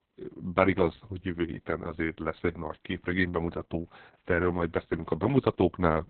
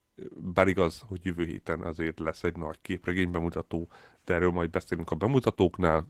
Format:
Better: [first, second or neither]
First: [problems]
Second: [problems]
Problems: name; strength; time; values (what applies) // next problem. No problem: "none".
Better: second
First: garbled, watery; badly; nothing above 4 kHz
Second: garbled, watery; slightly; nothing above 16 kHz